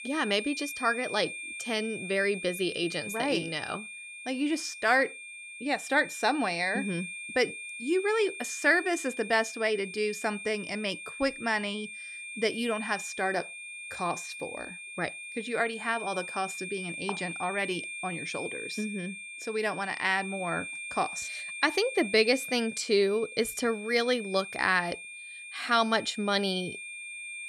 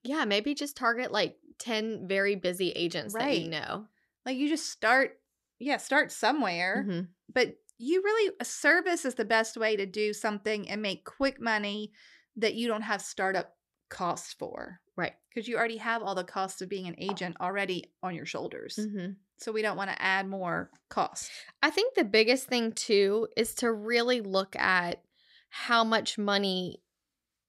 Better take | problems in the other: second | high-pitched whine; loud; throughout; 2.5 kHz, 9 dB below the speech

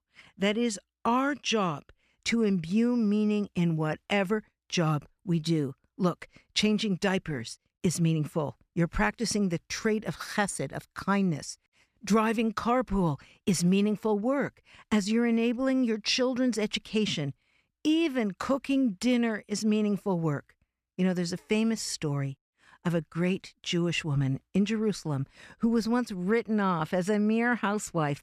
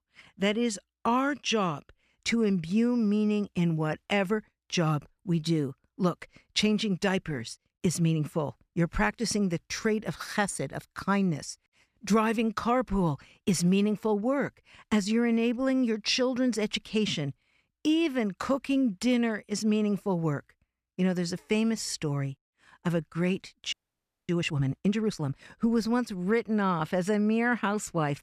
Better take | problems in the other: first | audio freezing; at 24 s for 0.5 s

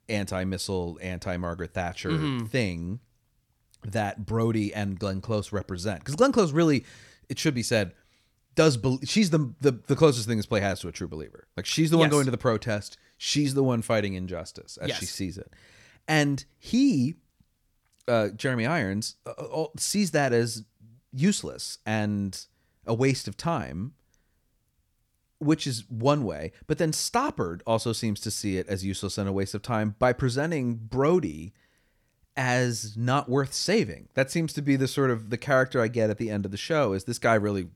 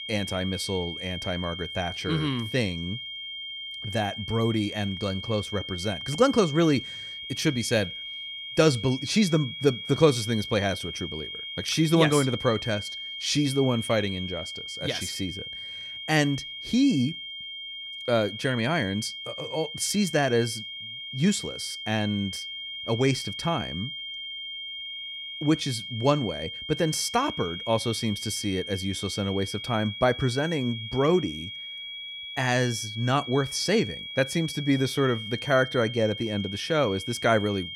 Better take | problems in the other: first | high-pitched whine; loud; throughout; 3 kHz, 8 dB below the speech

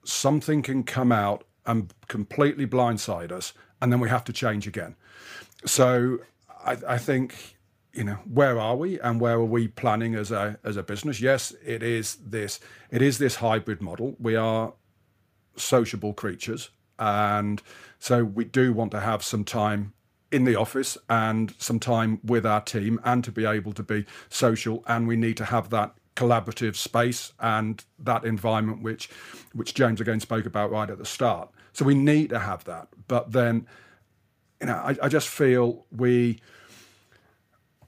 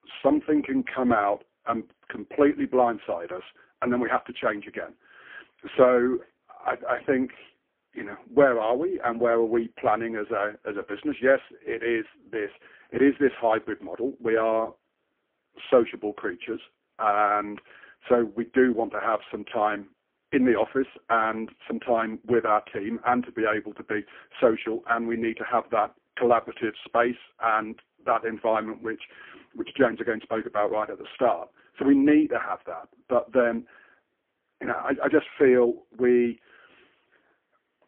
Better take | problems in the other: first | phone-call audio; poor line; nothing above 3.5 kHz

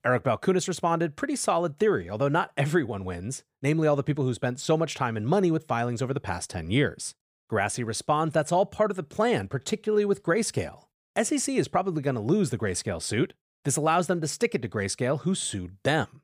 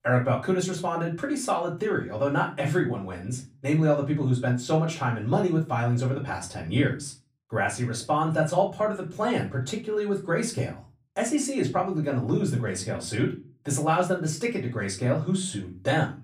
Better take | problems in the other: first | off-mic speech; far // room echo; very slight; dies away in 0.3 s

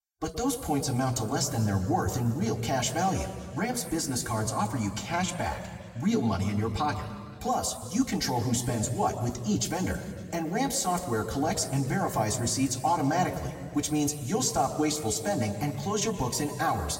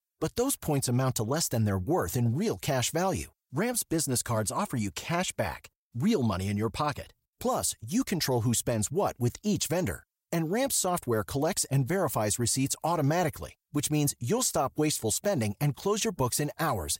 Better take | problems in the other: second | room echo; slight; dies away in 2.1 s // off-mic speech; far

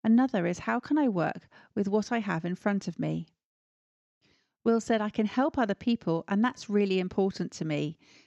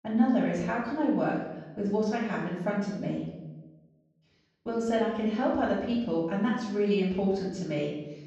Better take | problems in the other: first | off-mic speech; far // room echo; noticeable; dies away in 0.9 s

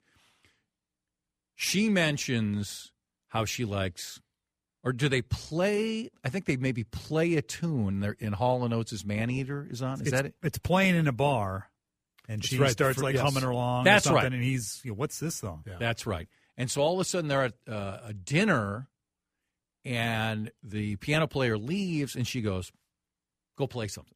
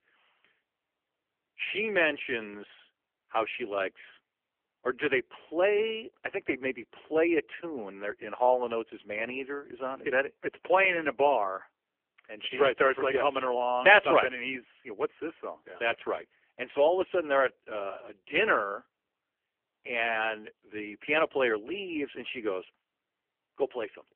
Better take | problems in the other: first | phone-call audio; poor line; nothing above 3 kHz

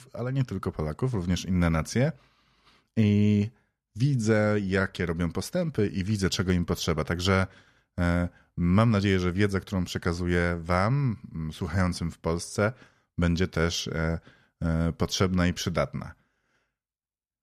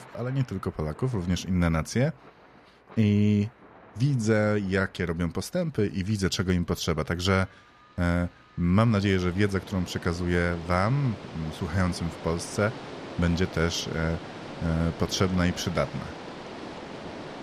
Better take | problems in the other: first | rain or running water; noticeable; throughout; 15 dB below the speech

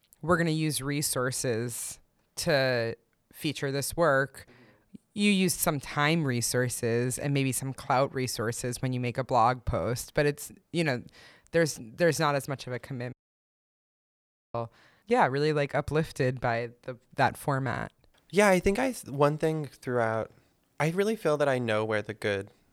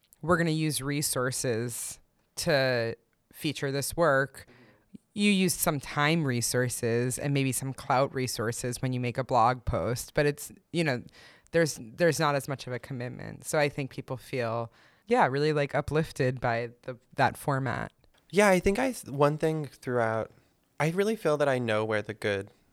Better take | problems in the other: second | audio cutting out; at 13 s for 1.5 s

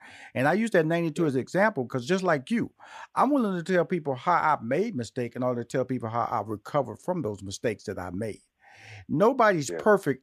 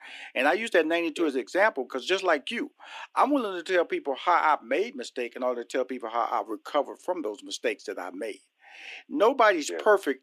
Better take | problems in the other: first | thin; very slightly; fading below 300 Hz

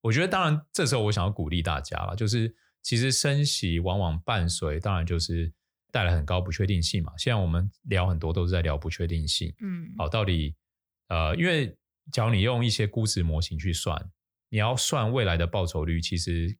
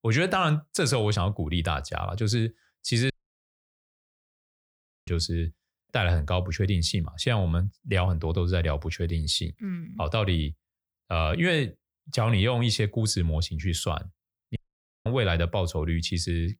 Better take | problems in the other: first | audio cutting out; at 3 s for 2 s and at 15 s for 0.5 s

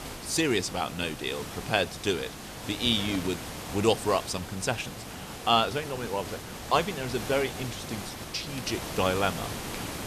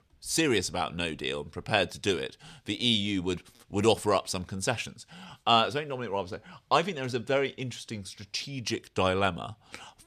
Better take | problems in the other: second | hiss; loud; throughout; 9 dB below the speech

